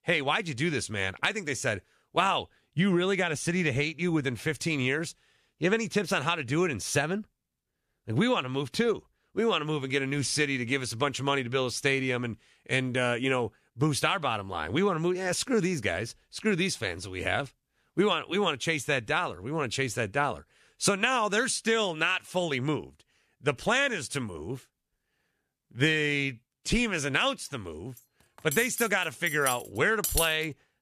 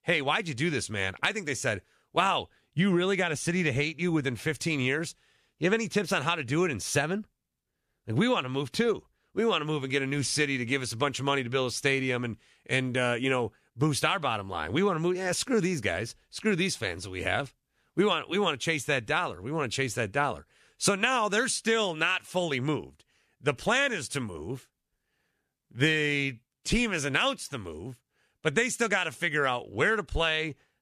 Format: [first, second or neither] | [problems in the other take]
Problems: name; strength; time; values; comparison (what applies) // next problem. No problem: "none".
second | clattering dishes; noticeable; from 29 to 30 s; peak level with the speech